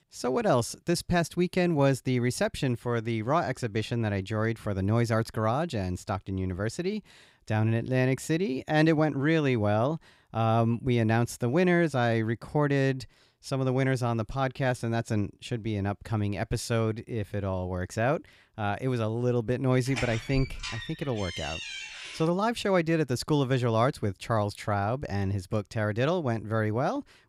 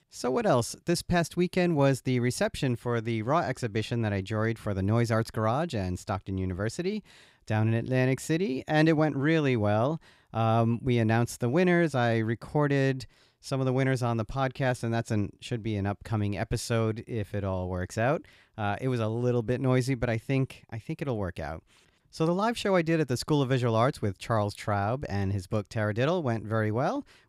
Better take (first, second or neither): second